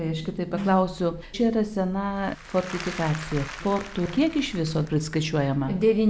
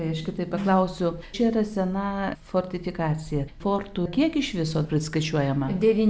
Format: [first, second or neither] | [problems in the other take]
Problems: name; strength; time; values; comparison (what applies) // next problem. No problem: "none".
second | background sound (Applause / Crowd); 16 dB below the speech